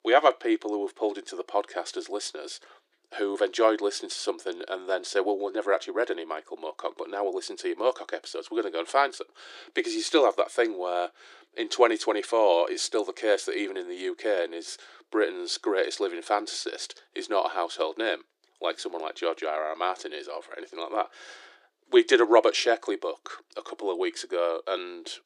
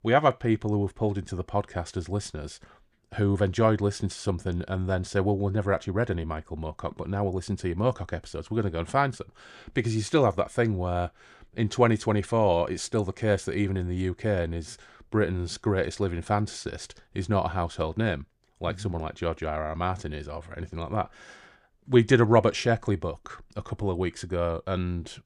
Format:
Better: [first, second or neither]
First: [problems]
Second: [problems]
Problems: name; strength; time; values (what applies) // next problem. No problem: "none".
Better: second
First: thin; very; fading below 350 Hz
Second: none